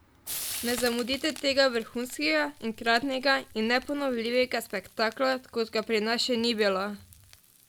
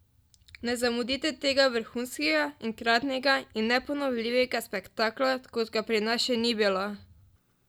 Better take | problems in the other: second | background sound (Frying (food)); 16 dB below the speech

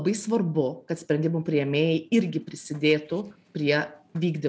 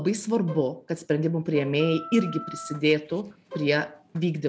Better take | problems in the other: first | background sound (Bowed string instrument + Wind instrument, woodwind instrument); 16 dB below the speech

